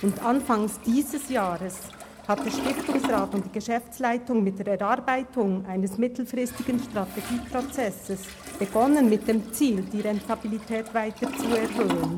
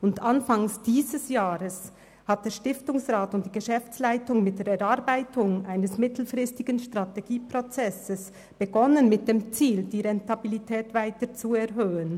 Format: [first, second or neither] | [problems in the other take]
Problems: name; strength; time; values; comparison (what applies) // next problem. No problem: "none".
second | background sound (Toilet flush); 10 dB below the speech